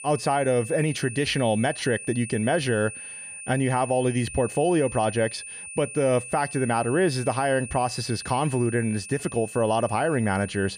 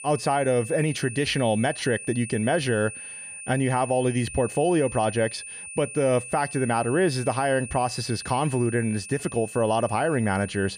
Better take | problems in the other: neither | high-pitched whine; noticeable; throughout; 2.5 kHz, 10 dB below the speech; the same in both

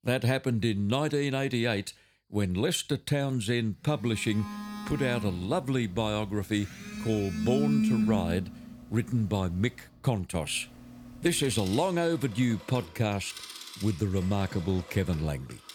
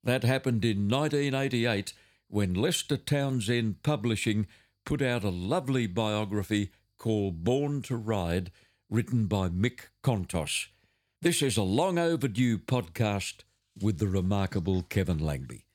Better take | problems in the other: second | alarms or sirens; loud; from 4 s on; 6 dB below the speech

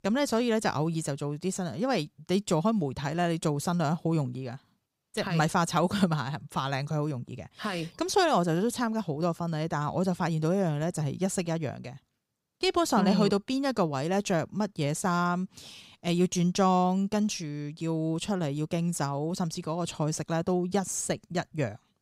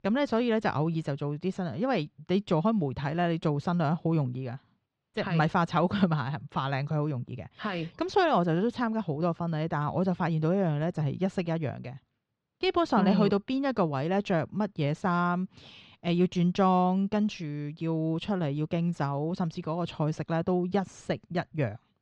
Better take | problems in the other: first | muffled; slightly; fading above 3.5 kHz

